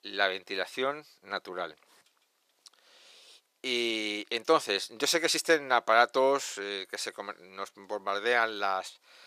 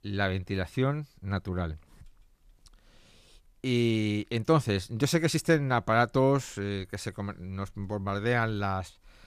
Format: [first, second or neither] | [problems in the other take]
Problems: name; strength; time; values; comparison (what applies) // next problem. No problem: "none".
second | thin; very; fading below 450 Hz